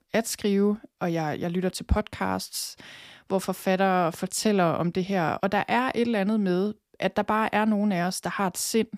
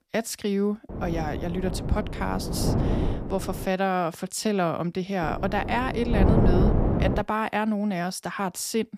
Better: first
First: none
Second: wind noise on the microphone; heavy; from 1 to 3.5 s and from 5 to 7 s; 4 dB below the speech

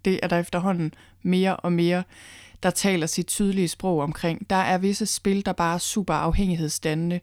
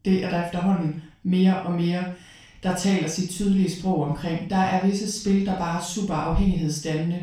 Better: first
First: none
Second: room echo; noticeable; dies away in 0.4 s // off-mic speech; far

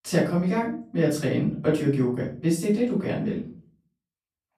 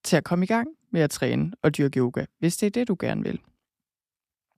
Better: second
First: off-mic speech; far // room echo; slight; dies away in 0.4 s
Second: none

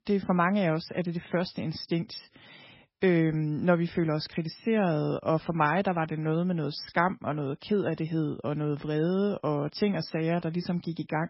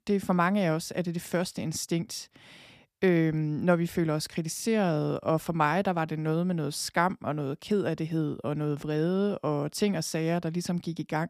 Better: second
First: garbled, watery; badly; nothing above 5.5 kHz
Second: none

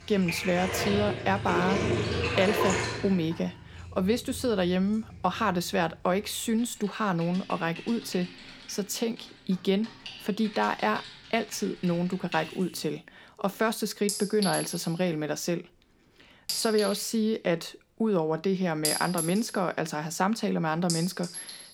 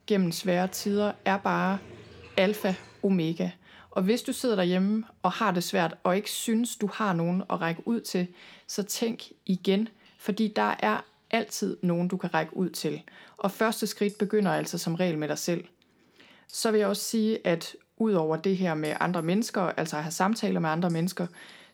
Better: second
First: household noises; loud; throughout; 5 dB below the speech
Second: household noises; faint; throughout; 25 dB below the speech

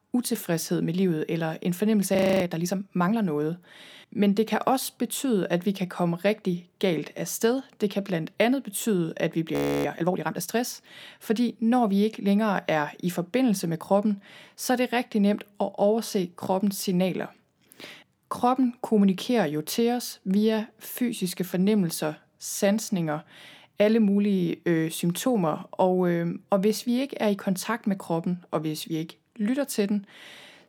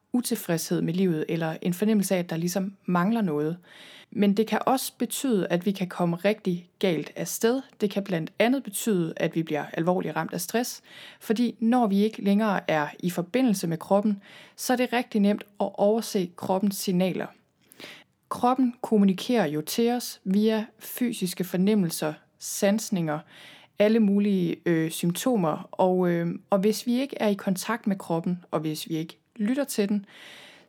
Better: second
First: audio freezing; at 2 s and at 9.5 s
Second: none

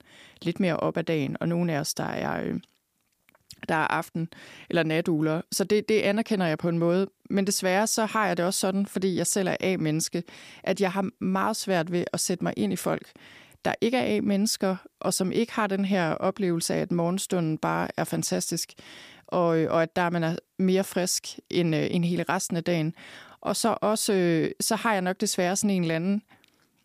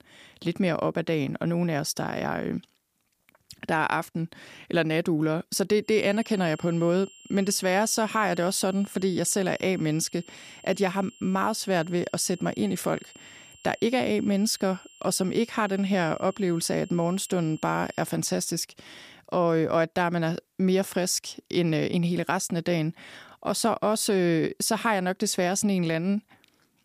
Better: first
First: none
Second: high-pitched whine; faint; from 6 to 18 s; 3 kHz, 25 dB below the speech

